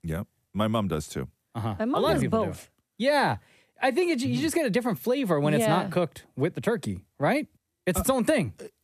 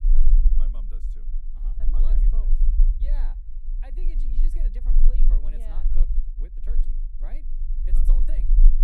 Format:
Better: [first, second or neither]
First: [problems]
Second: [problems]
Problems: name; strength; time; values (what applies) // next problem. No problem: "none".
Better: first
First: none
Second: low rumble; loud; throughout; 1 dB below the speech